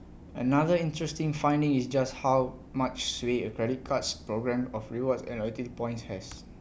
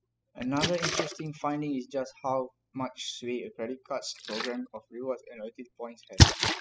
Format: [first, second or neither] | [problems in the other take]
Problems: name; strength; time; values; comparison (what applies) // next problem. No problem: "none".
first | noise reduction (classical method spectral subtraction)